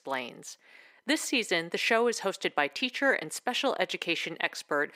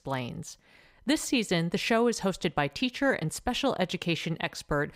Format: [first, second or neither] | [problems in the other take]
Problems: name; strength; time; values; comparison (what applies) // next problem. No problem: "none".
second | thin; somewhat; fading below 300 Hz